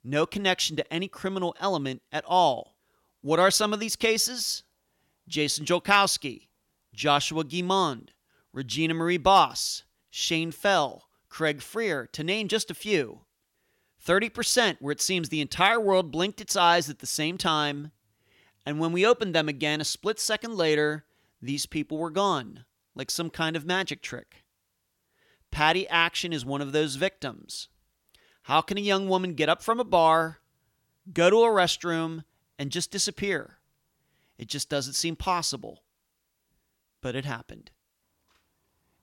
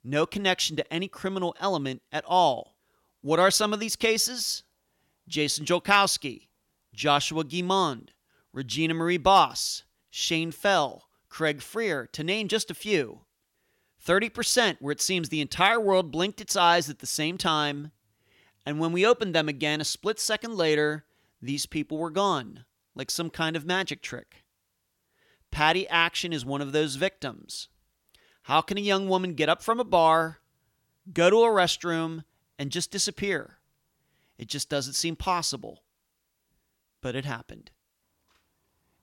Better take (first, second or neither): neither